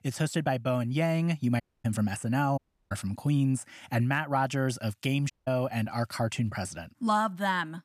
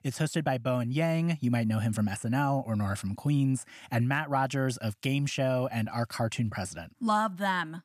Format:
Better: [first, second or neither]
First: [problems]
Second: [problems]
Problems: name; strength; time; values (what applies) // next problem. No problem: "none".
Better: second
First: audio cutting out; at 1.5 s, at 2.5 s and at 5.5 s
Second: none